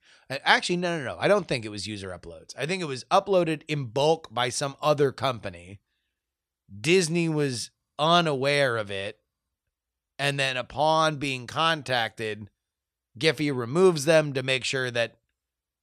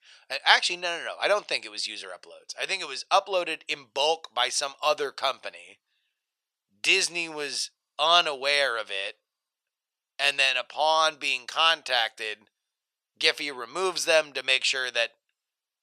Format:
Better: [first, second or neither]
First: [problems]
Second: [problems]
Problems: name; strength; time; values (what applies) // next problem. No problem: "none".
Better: first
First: none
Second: thin; very; fading below 700 Hz